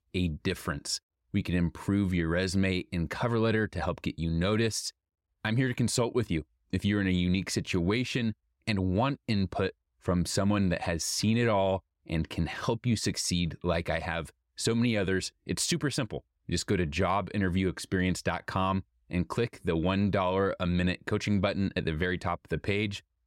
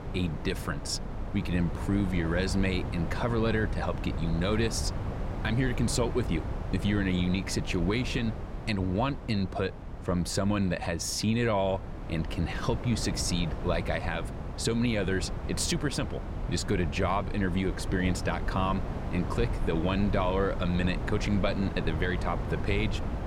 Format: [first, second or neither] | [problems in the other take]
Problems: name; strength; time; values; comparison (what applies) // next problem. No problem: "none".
first | wind noise on the microphone; heavy; 9 dB below the speech